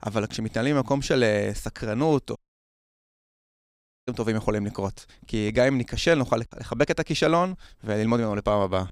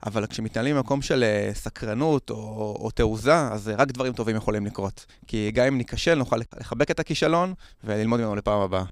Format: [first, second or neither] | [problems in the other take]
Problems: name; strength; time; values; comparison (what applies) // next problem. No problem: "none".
second | audio cutting out; at 2.5 s for 1.5 s